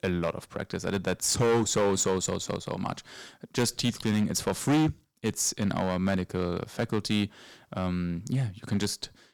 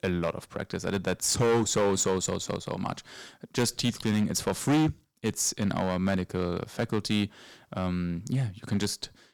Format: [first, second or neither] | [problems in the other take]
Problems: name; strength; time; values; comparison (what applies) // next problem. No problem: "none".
neither | distortion; heavy; 6% of the sound clipped; the same in both